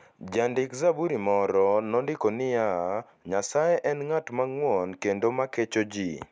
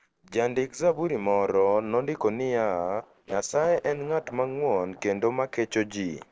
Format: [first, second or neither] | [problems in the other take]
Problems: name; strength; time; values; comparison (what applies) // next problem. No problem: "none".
first | noise reduction (neural separator model SepFormer DNS4)